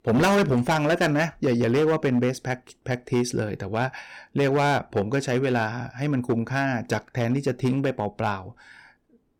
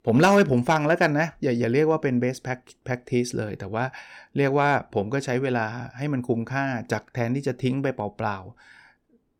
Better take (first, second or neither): second